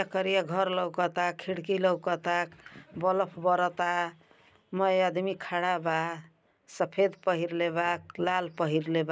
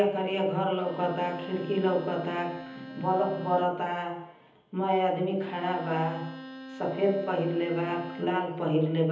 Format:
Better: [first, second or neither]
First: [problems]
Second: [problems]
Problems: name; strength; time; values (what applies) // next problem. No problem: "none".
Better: first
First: none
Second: background sound (Bowed string instrument); 15 dB below the speech // room echo; dies away in 1.3 s